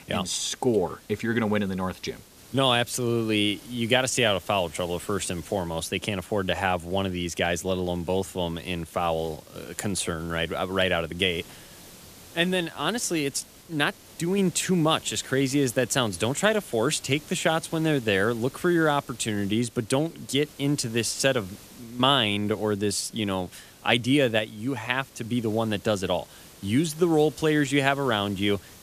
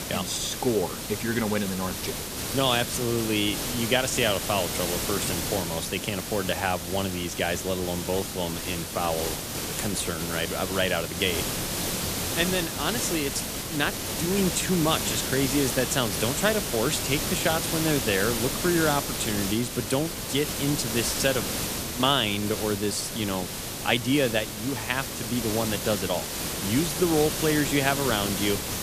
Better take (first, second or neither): first